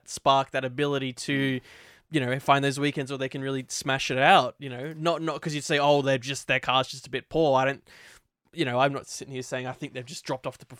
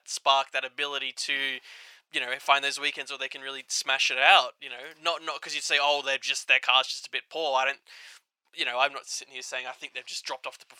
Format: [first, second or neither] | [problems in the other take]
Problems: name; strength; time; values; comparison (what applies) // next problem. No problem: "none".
first | thin; very; fading below 850 Hz